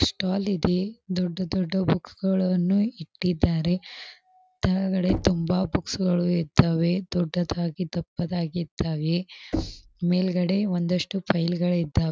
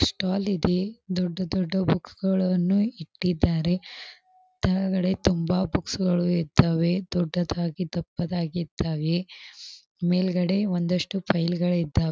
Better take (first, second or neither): second